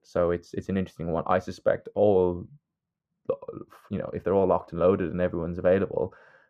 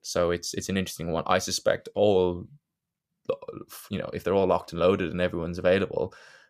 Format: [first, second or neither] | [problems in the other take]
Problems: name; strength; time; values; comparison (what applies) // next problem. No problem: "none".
second | muffled; very; fading above 2.5 kHz